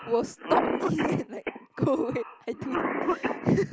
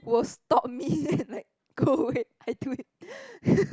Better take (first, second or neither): second